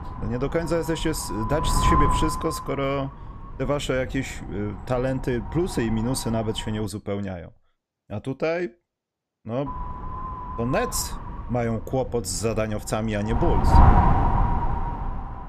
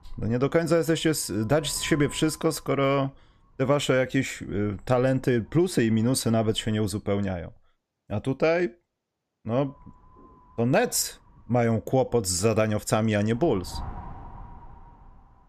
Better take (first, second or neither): second